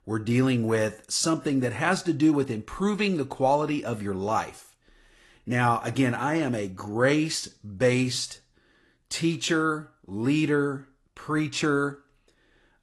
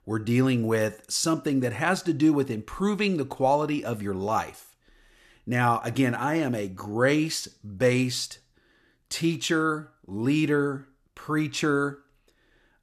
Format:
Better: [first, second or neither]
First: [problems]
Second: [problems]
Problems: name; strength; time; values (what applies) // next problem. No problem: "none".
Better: second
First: garbled, watery; slightly; nothing above 11 kHz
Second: none